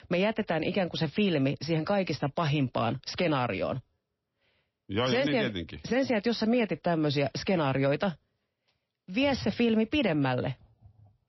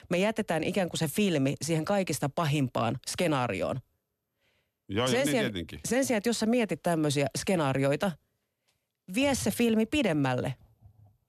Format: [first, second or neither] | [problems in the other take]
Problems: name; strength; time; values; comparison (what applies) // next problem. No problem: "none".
second | garbled, watery; slightly; nothing above 5.5 kHz